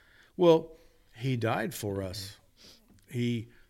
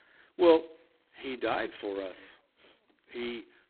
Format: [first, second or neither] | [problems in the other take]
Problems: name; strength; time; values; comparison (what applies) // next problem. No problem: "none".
first | phone-call audio; poor line; nothing above 4 kHz